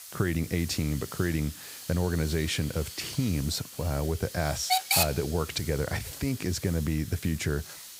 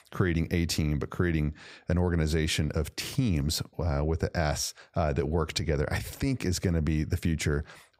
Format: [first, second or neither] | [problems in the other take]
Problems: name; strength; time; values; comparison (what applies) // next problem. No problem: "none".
second | hiss; loud; throughout; 4 dB below the speech